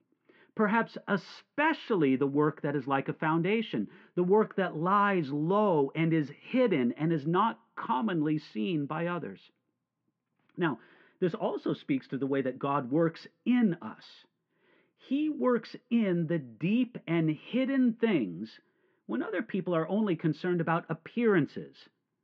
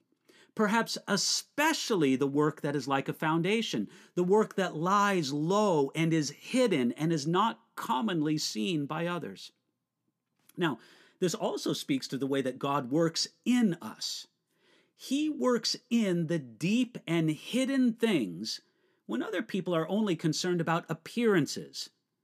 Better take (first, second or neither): second